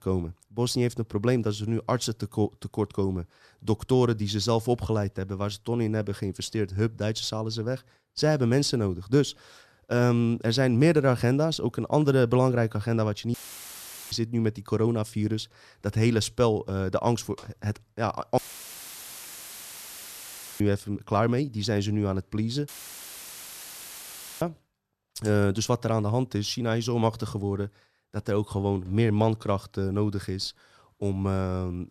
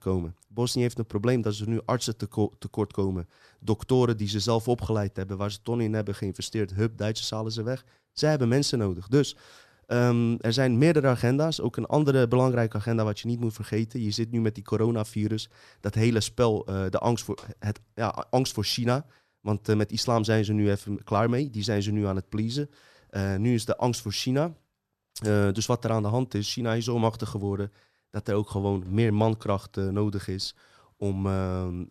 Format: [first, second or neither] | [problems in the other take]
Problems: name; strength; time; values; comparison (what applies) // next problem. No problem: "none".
second | audio cutting out; filled with static; at 13 s for 1 s, at 18 s for 2 s and at 23 s for 1.5 s